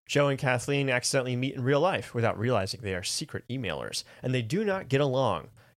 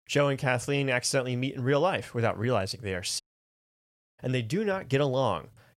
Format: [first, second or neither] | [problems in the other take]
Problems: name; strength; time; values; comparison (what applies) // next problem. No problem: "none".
first | audio cutting out; at 3 s for 1 s